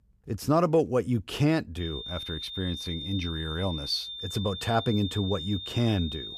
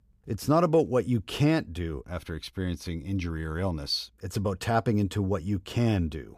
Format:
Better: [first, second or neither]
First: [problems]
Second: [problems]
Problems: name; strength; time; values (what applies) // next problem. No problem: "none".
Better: second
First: high-pitched whine; loud; from 2 s on; 3.5 kHz, 7 dB below the speech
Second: none